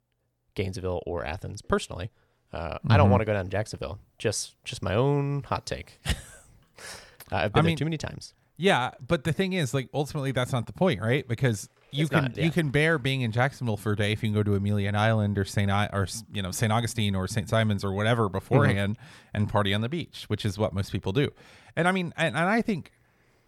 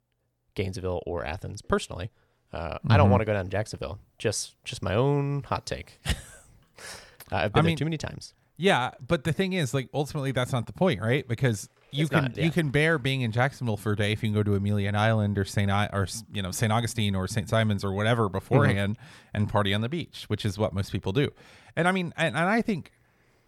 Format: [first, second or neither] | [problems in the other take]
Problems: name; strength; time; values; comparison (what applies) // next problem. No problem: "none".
neither | none